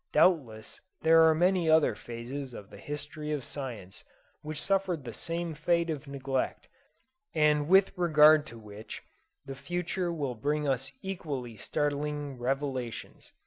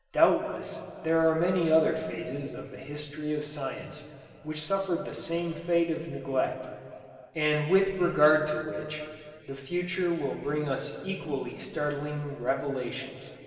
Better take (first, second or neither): first